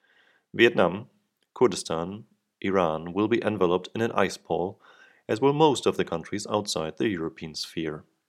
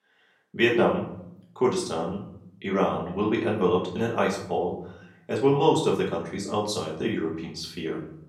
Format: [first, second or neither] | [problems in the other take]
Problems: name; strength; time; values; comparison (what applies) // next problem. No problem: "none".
first | room echo; slight; dies away in 0.6 s // off-mic speech; far